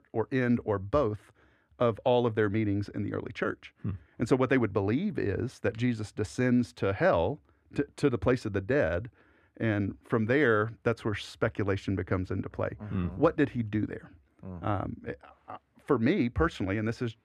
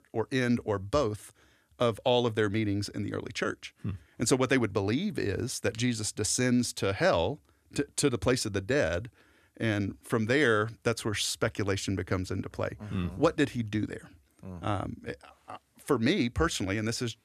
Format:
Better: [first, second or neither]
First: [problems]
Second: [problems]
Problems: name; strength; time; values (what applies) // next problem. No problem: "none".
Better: second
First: muffled; very; fading above 3.5 kHz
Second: none